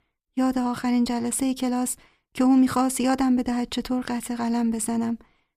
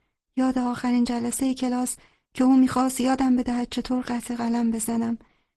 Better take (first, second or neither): first